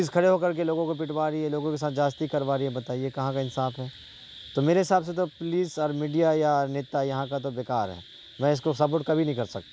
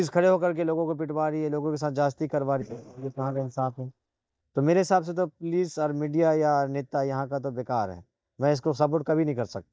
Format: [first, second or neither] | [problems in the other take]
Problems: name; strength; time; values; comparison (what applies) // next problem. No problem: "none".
first | noise reduction (neural mask model DeepFilterNet 3)